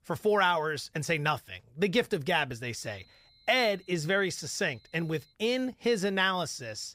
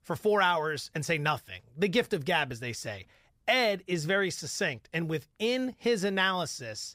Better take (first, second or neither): second